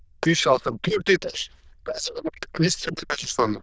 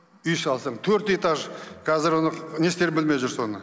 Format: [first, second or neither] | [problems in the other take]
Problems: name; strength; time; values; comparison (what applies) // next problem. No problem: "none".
second | noise reduction (neural diffusion model UNIVERSE++)